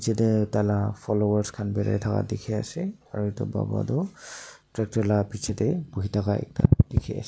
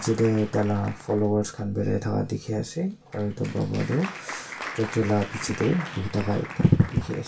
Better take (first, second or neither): first